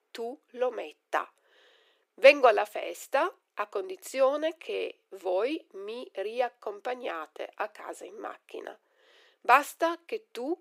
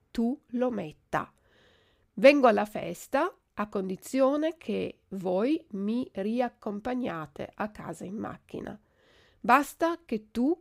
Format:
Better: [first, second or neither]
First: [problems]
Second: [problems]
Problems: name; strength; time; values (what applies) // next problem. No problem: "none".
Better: second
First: thin; very; fading below 350 Hz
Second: none